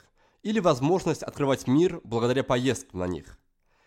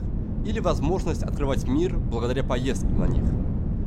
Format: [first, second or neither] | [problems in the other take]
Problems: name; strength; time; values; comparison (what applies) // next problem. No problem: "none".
first | wind noise on the microphone; heavy; 8 dB below the speech